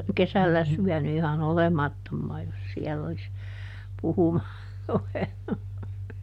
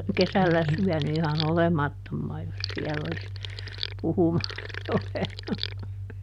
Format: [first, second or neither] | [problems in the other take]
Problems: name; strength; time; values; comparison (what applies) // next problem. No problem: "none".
first | background sound (Sink (filling or washing)); 11 dB below the speech